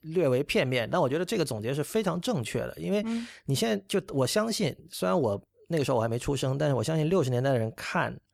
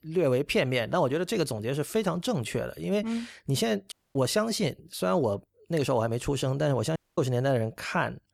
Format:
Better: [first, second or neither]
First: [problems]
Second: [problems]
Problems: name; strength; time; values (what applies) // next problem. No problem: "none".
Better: first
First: none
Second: audio cutting out; at 4 s and at 7 s